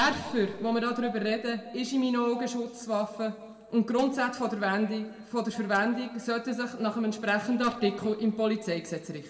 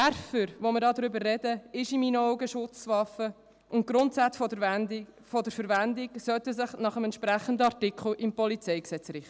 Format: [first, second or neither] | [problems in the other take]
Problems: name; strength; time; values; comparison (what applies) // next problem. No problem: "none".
second | room echo; dies away in 1.6 s